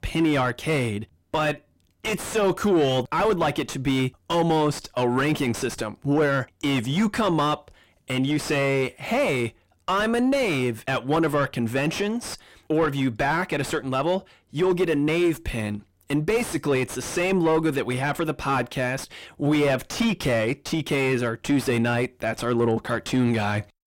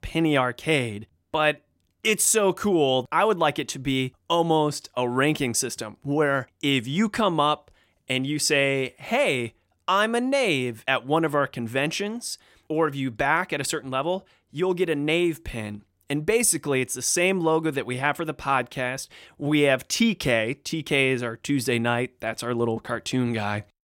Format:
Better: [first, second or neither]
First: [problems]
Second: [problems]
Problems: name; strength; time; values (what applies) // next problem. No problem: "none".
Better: second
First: distortion; heavy; 6 dB below the speech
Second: none